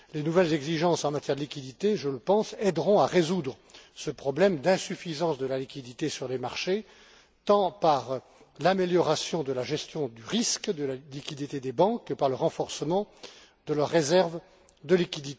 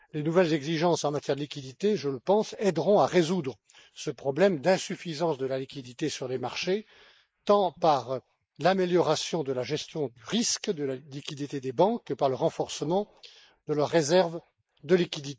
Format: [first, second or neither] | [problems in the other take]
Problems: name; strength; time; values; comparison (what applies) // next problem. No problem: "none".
first | noise reduction (neural mask model Resemble Enhance denoiser)